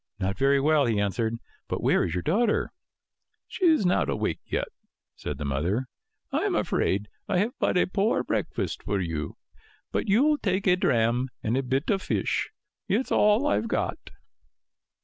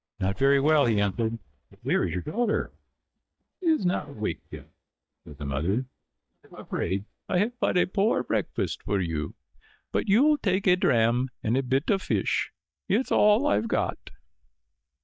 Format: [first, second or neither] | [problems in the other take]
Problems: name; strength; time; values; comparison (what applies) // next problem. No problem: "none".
first | noise reduction (neural mask model DeepFilterNet 3)